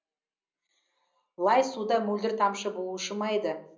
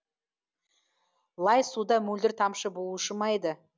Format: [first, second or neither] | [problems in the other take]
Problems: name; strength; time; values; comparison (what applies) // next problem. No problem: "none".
second | room echo; dies away in 0.5 s